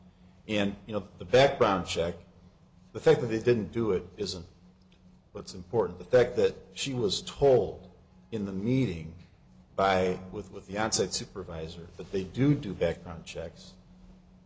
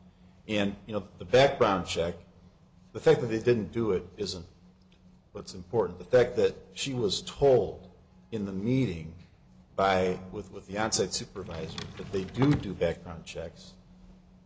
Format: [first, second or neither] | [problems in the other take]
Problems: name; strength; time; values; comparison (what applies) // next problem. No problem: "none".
first | background sound (Drawer open or close); 10 dB below the speech